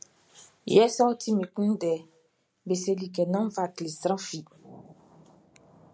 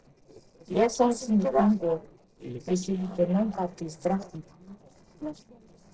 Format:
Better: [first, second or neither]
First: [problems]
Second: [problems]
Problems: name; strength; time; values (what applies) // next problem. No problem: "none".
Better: first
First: none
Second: noise reduction (neural separator model SepFormer DNS4)